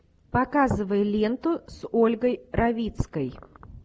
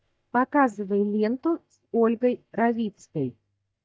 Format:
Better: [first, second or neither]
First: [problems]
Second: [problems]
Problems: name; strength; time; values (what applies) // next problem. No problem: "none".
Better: first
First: none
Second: noise reduction (neural mask model DeepFilterNet 3)